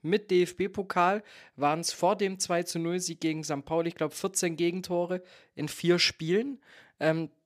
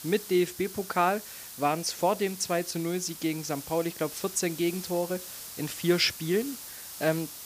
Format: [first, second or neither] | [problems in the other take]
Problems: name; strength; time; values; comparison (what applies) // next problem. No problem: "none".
first | hiss; noticeable; throughout; 10 dB below the speech